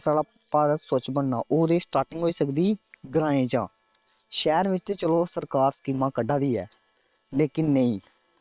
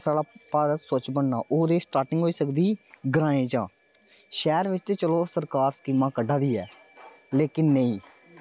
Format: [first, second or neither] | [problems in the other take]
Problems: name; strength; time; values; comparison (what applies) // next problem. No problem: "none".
second | noise reduction (neural separator model SepFormer WHAM!)